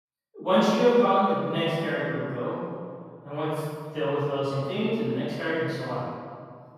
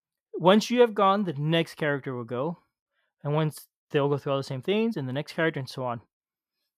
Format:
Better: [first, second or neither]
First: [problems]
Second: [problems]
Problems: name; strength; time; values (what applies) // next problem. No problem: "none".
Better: second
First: off-mic speech; far // room echo; strong; dies away in 1.7 s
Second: none